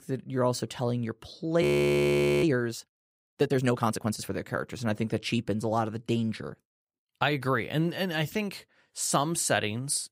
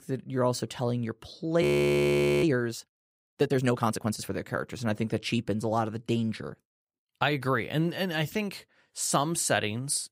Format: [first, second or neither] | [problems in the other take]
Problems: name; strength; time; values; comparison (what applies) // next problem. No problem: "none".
neither | audio freezing; at 1.5 s for 1 s; the same in both